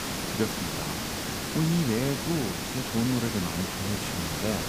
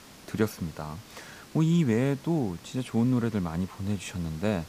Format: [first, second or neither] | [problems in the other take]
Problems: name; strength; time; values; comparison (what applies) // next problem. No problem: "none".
second | hiss; loud; throughout; 1 dB below the speech; faint in the second